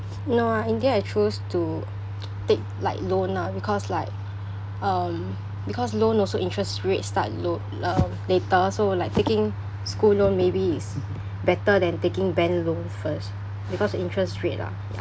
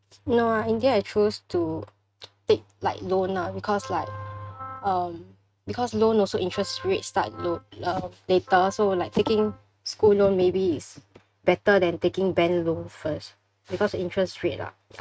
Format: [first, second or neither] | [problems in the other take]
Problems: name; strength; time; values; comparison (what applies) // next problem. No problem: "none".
first | noise reduction (neural mask model RNNoise)